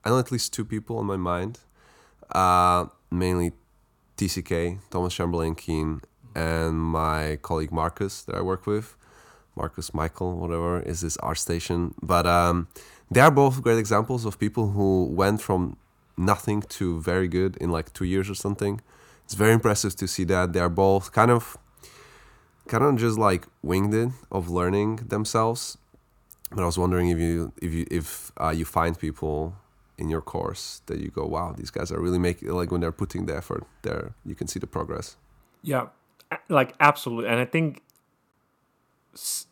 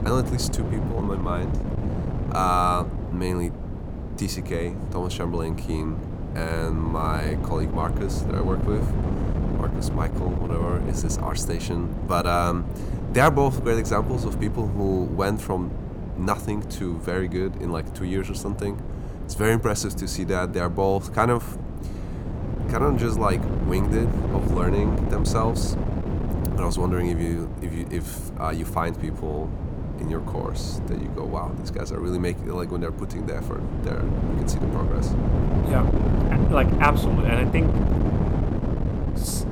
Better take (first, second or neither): first